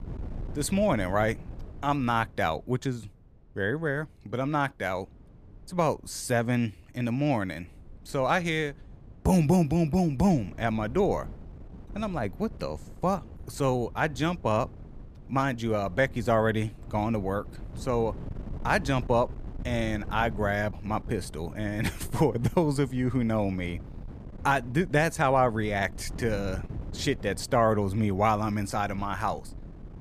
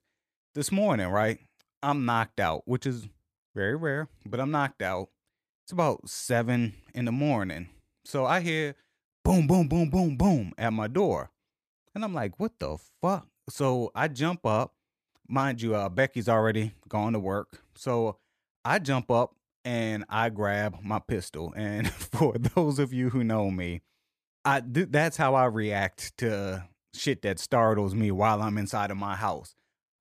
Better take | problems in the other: second | wind noise on the microphone; occasional gusts; 25 dB below the speech

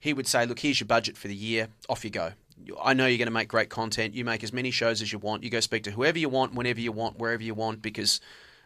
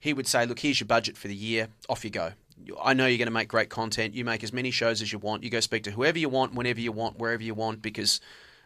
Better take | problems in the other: neither | none

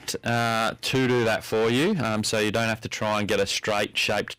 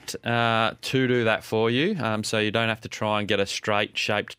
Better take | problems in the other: second | distortion; heavy; 13% of the sound clipped

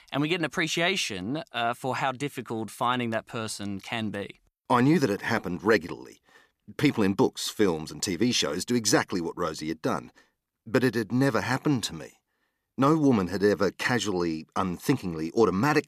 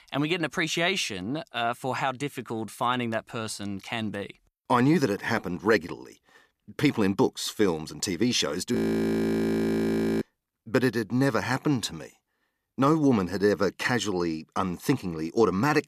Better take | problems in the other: first | audio freezing; at 9 s for 1.5 s

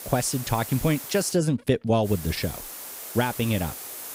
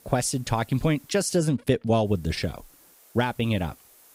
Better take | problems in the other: second | hiss; loud; until 1.5 s and from 2 s on; 10 dB below the speech; faint in the second

